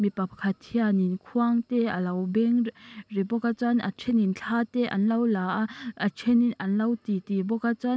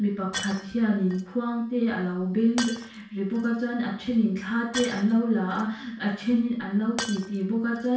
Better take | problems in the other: first | background sound (Shatter); 15 dB below the speech // room echo; dies away in 0.5 s

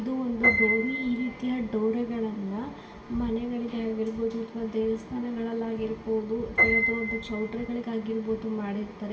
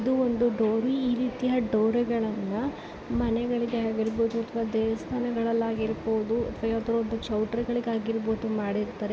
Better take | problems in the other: second | background sound (Piano); 3 dB below the speech // room echo; dies away in 0.5 s

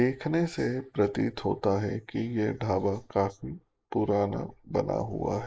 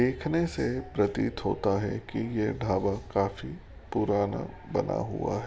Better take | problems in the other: second | noise reduction (neural mask model Resemble Enhance denoiser)

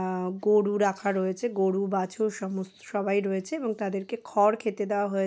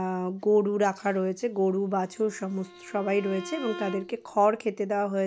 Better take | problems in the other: first | background sound (Bowed string instrument); 17 dB below the speech

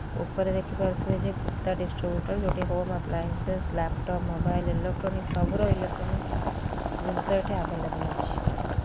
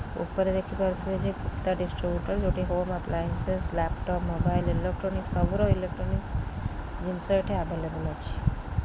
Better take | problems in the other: second | background sound (Boiling); 5 dB below the speech

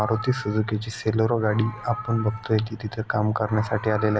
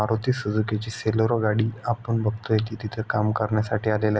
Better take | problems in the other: second | background sound (Meow); 15 dB below the speech

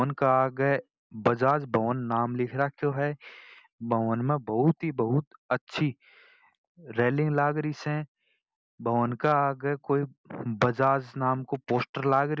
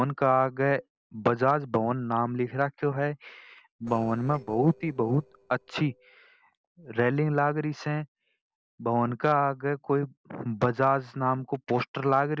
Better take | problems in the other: first | noise reduction (neural separator model SepFormer DNS4)

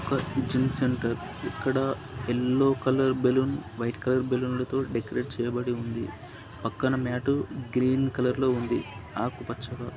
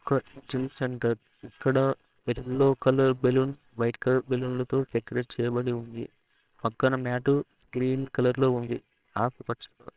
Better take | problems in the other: first | noise reduction (neural separator model SepFormer WHAMR!)

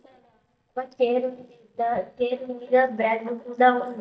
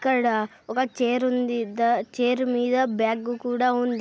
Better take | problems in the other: second | noise reduction (neural mask model DeepFilterNet 3)

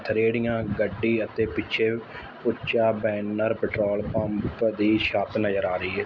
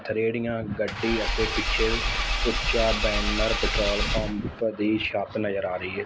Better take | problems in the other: first | background sound (Engine / Car); 1 dB above the speech

